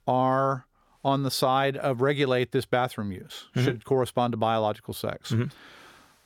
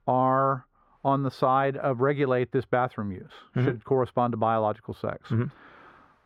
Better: first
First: none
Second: muffled; very; fading above 3.5 kHz

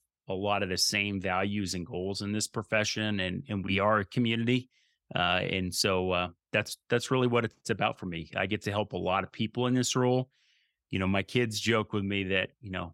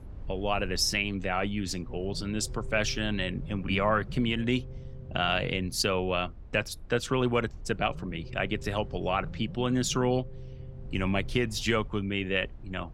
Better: first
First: none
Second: low rumble; faint; throughout; 25 dB below the speech

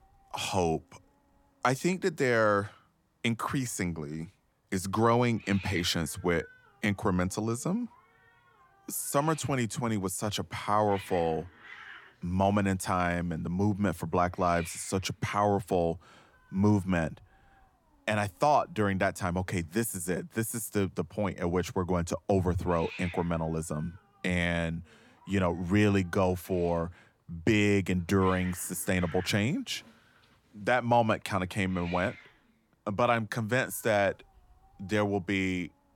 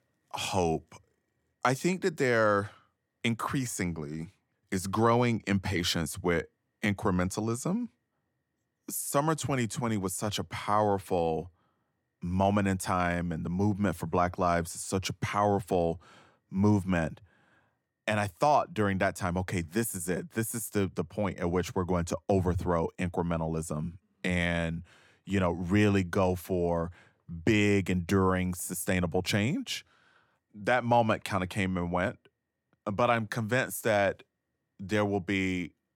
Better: second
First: hiss; noticeable; throughout; 20 dB below the speech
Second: none

